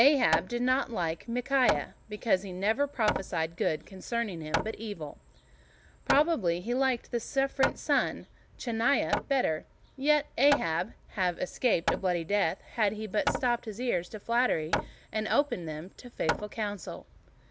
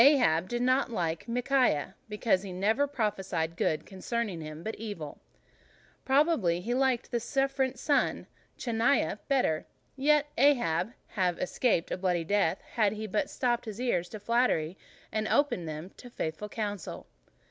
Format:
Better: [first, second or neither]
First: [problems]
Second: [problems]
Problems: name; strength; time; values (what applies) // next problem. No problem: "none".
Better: second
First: background sound (Hammer); 8 dB below the speech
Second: none